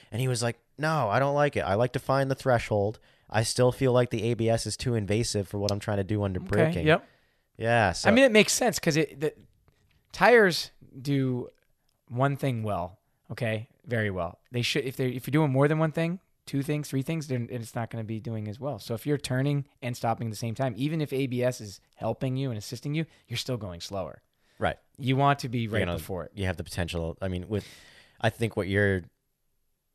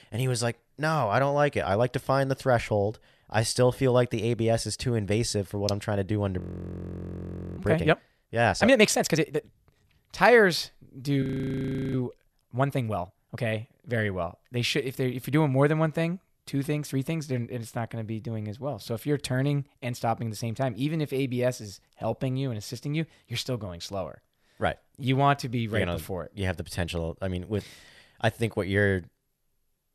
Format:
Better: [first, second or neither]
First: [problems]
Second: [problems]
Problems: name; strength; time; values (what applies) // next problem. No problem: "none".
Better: first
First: none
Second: audio freezing; at 6.5 s for 1 s and at 11 s for 0.5 s